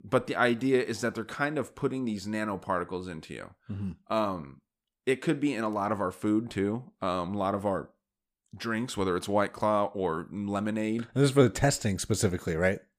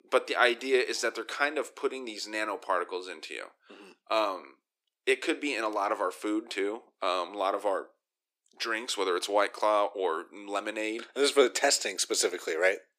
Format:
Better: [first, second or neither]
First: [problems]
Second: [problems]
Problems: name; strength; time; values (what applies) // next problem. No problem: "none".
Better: first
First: none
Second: thin; very; fading below 350 Hz